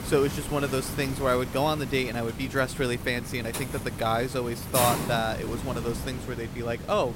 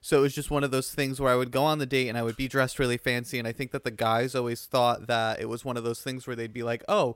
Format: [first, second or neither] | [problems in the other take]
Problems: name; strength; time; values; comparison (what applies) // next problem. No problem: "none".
second | hiss; loud; throughout; 6 dB below the speech